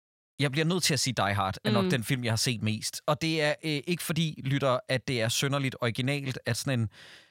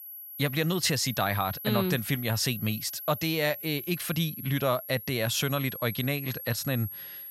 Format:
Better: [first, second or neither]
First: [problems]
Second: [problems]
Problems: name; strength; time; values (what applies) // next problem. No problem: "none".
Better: first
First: none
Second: high-pitched whine; loud; throughout; 11.5 kHz, 9 dB below the speech